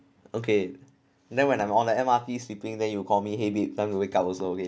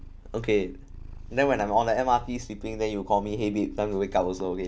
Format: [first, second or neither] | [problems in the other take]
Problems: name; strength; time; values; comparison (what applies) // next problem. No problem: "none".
first | background sound (Purr); 15 dB below the speech